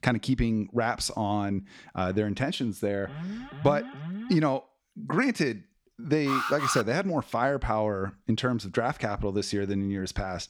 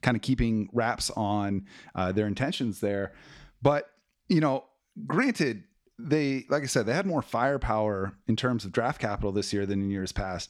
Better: second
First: alarm; noticeable; from 3 to 4.5 s; peak 9 dB below the speech // alarm; loud; at 6.5 s; peak level with the speech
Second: none

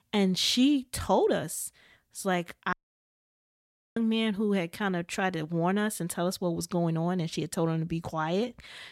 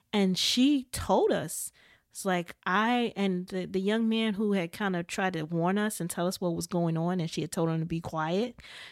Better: second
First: audio cutting out; at 2.5 s for 1 s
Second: none

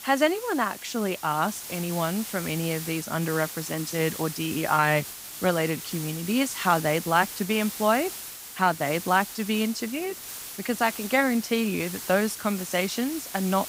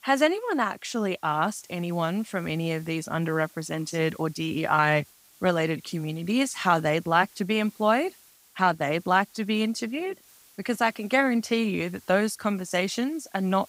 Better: second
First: hiss; loud; throughout; 9 dB below the speech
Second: hiss; faint; throughout; 25 dB below the speech

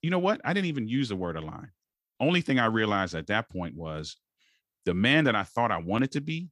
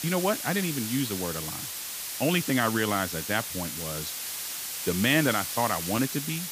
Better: first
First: none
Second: hiss; loud; throughout; 4 dB below the speech

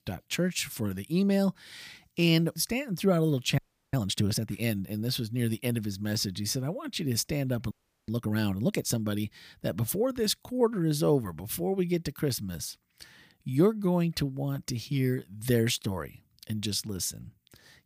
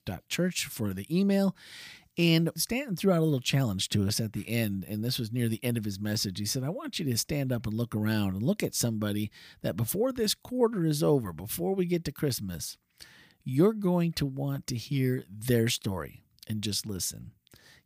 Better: second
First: audio freezing; at 3.5 s and at 7.5 s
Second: none

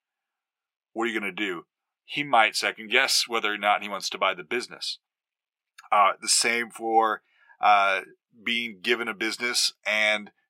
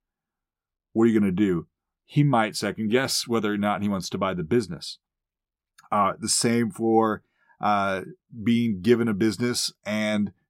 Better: second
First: thin; very; fading below 550 Hz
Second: none

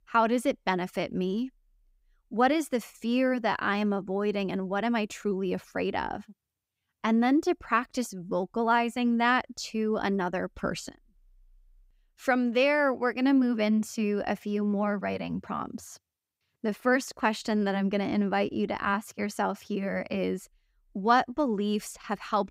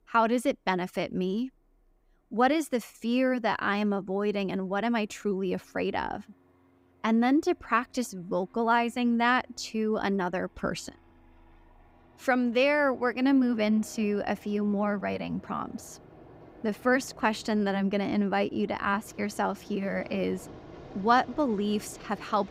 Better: first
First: none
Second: train or aircraft noise; faint; throughout; 25 dB below the speech

